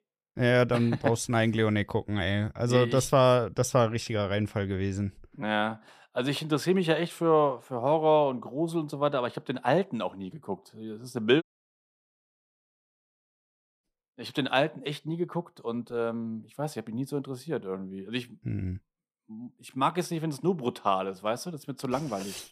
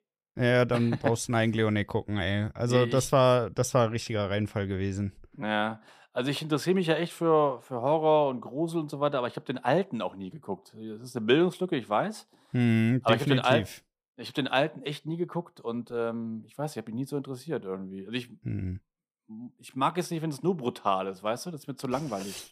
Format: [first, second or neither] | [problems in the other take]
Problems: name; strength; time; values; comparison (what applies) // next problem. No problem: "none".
second | audio cutting out; at 11 s for 2.5 s